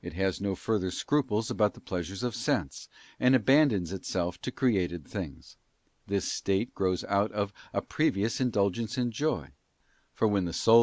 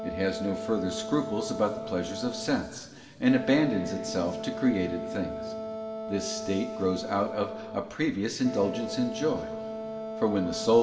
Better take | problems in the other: first | background sound (Wind instrument, woodwind instrument); 8 dB below the speech // room echo; dies away in 2.1 s

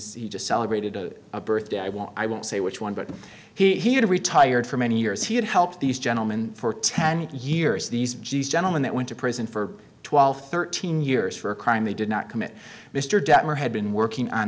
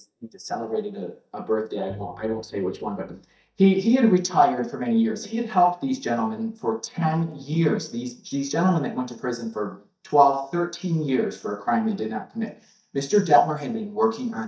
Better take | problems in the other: first | noise reduction (neural mask model DeepFilterNet 3)

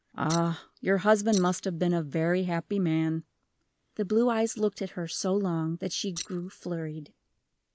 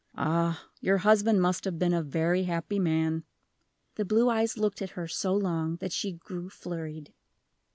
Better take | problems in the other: second | noise reduction (neural mask model Resemble Enhance denoiser)

